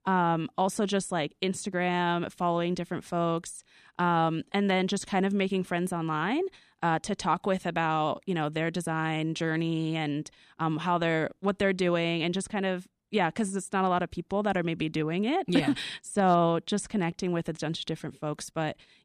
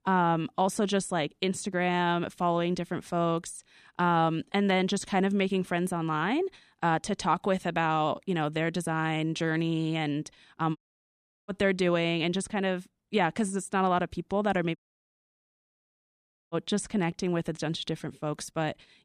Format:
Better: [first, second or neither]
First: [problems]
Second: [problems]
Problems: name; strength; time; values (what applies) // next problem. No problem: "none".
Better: first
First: none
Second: audio cutting out; at 11 s for 0.5 s and at 15 s for 2 s